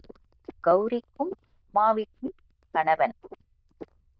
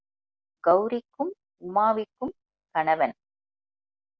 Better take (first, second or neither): second